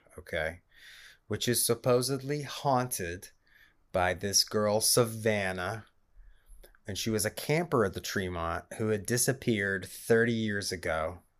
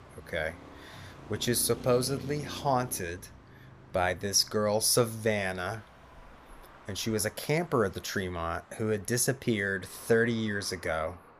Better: first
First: none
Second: traffic noise; noticeable; throughout; 20 dB below the speech

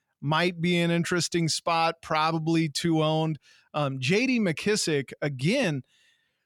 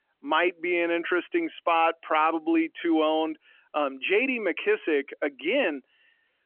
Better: first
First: none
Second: phone-call audio; nothing above 3 kHz

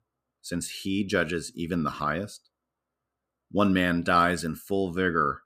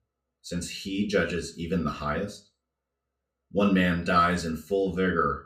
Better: first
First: none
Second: room echo; very slight; dies away in 0.3 s // off-mic speech; far

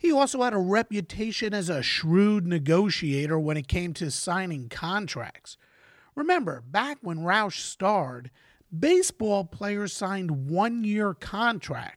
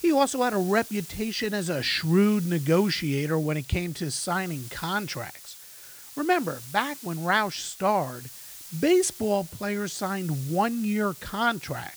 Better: first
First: none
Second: hiss; noticeable; throughout; 15 dB below the speech

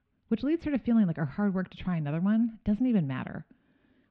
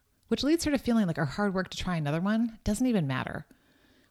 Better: second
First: muffled; very; fading above 3 kHz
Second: none

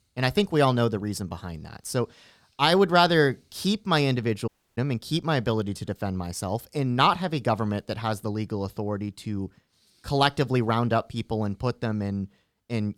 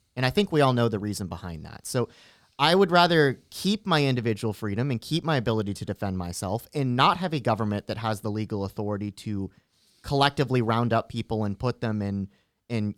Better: second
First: audio cutting out; at 4.5 s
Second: none

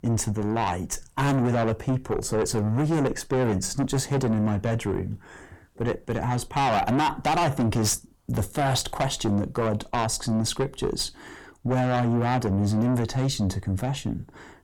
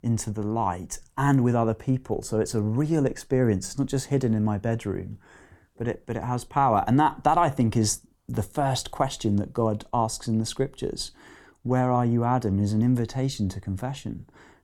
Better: second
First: distortion; heavy; 6 dB below the speech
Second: none

